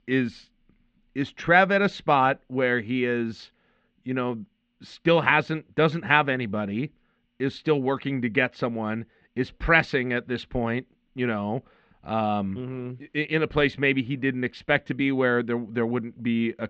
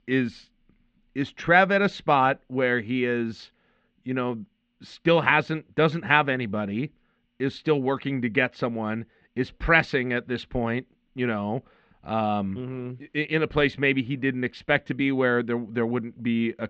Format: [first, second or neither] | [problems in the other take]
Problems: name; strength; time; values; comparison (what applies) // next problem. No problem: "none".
neither | muffled; very; fading above 3.5 kHz; the same in both